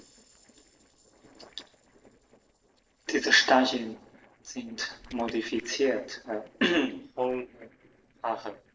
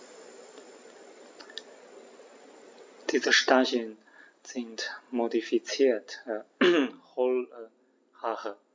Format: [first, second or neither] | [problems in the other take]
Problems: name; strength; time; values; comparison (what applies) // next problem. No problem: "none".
second | noise reduction (neural separator model SepFormer DNS4)